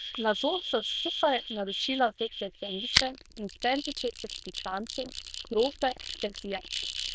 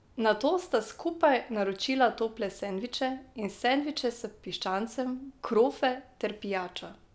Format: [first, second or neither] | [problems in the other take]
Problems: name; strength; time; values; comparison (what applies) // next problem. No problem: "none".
second | noise reduction (neural diffusion model UNIVERSE++)